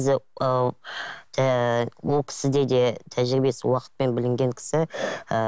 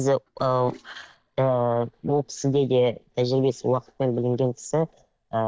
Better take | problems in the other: first | noise reduction (neural mask model DeepFilterNet 3)

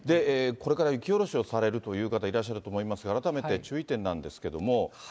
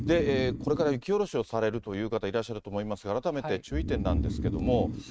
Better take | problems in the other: first | noise reduction (neural mask model RNNoise)

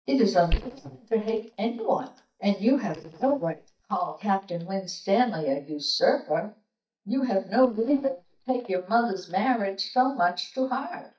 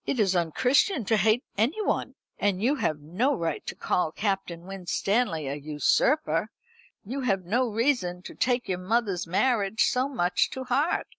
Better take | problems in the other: second | noise reduction (neural mask model DeepFilterNet 3)

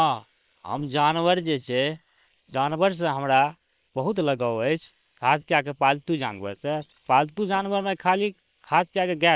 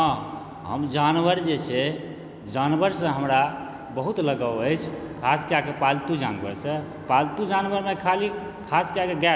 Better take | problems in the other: second | noise reduction (neural separator model SepFormer WHAM!)

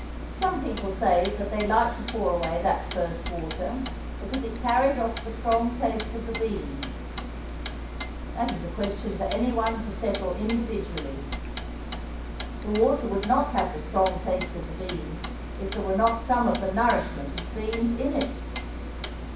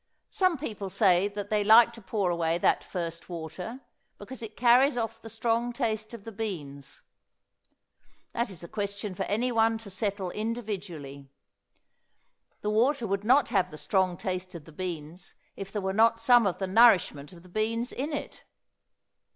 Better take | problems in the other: second | background sound (Clock); 6 dB below the speech // room echo; dies away in 0.6 s

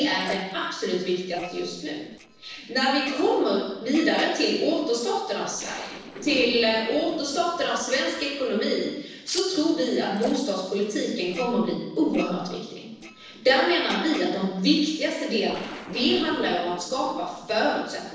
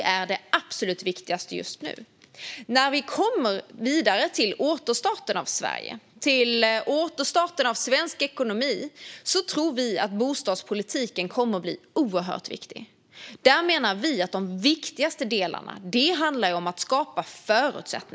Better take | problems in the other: second | noise reduction (neural separator model SepFormer DNS4)

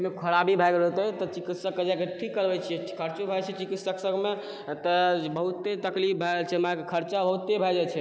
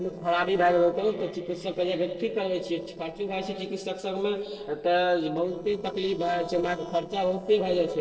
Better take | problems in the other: first | noise reduction (neural separator model SepFormer DNS4)

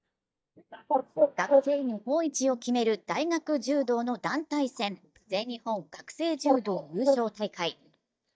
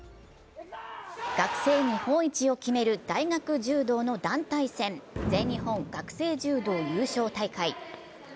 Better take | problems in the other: second | noise reduction (neural mask model DeepFilterNet 3)

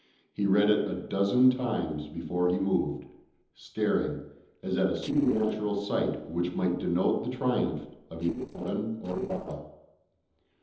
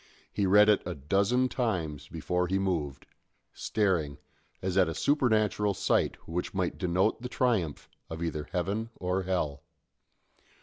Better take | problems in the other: second | noise reduction (neural separator model SepFormer DNS4)

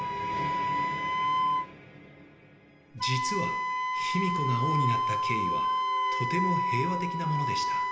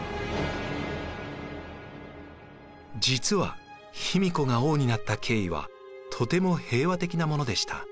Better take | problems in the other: second | background sound (Wind instrument, woodwind instrument); 4 dB above the speech // room echo; dies away in 1.4 s

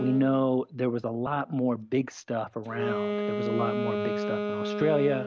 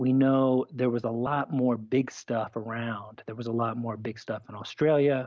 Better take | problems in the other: second | background sound (Wind instrument, woodwind instrument); 4 dB below the speech

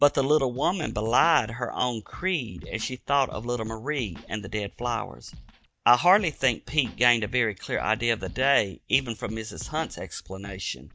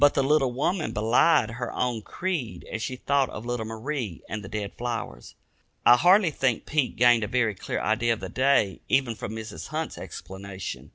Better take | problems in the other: second | noise reduction (neural mask model DeepFilterNet 3)

